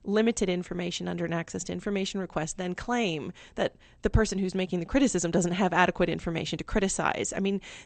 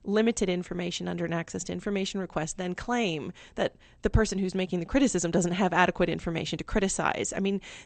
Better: neither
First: garbled, watery; slightly; nothing above 8 kHz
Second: garbled, watery; slightly; nothing above 8 kHz

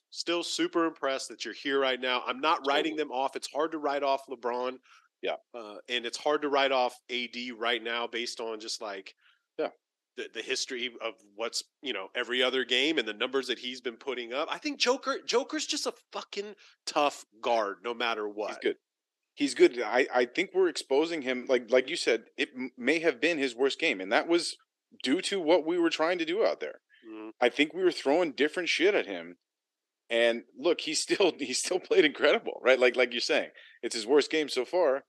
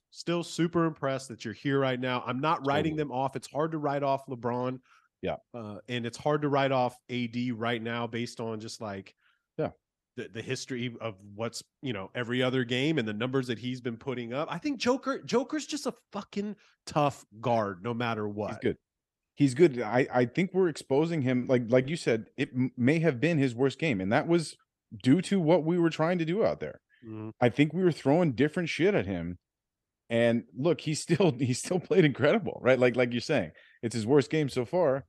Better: second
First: thin; somewhat; fading below 350 Hz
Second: none

